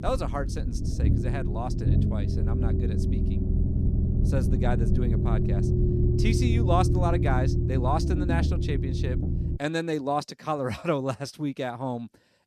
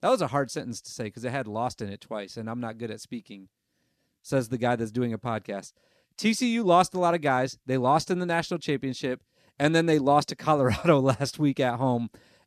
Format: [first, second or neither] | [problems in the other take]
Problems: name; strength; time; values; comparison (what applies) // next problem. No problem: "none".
second | low rumble; loud; until 9.5 s; 5 dB below the speech